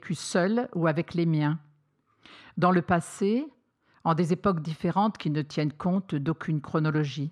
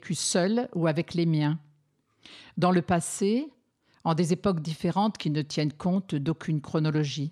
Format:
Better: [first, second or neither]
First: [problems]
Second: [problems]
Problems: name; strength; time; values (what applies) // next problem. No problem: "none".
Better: second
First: muffled; slightly; fading above 3.5 kHz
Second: none